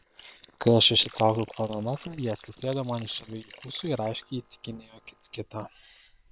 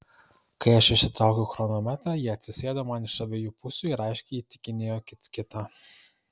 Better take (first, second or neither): second